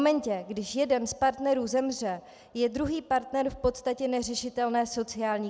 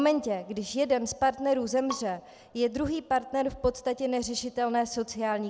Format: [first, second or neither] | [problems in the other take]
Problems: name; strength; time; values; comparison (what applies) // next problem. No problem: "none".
first | background sound (Bowed string instrument); 18 dB below the speech